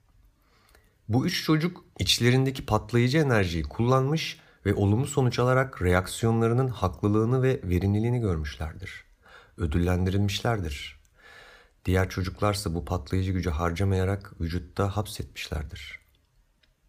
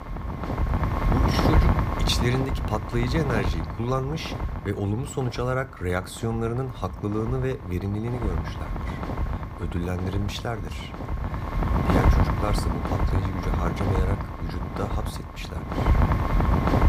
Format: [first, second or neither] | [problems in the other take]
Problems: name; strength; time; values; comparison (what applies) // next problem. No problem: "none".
first | wind noise on the microphone; heavy; 1 dB above the speech